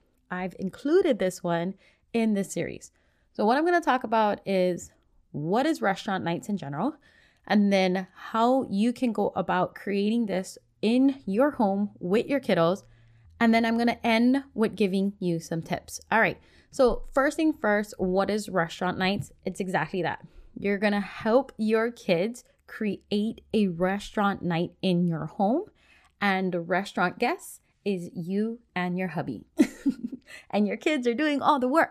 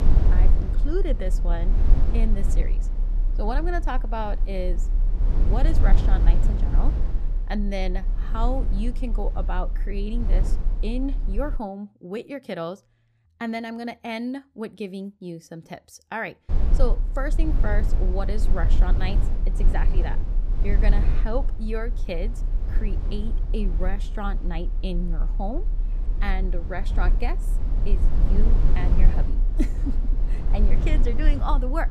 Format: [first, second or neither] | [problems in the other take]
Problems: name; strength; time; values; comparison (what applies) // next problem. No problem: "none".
first | low rumble; loud; until 12 s and from 16 s on; 9 dB below the speech